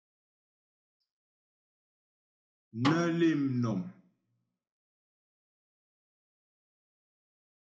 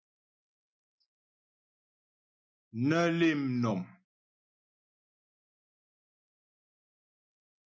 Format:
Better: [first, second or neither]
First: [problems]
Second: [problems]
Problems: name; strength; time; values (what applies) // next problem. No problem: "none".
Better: second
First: background sound (Snare drum); 5 dB below the speech // room echo; dies away in 0.3 s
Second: none